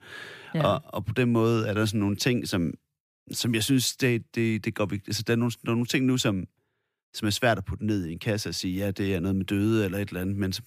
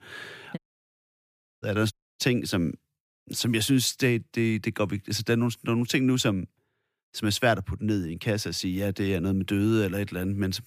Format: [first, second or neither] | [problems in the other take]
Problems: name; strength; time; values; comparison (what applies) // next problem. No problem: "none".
first | audio cutting out; at 0.5 s for 1 s and at 2 s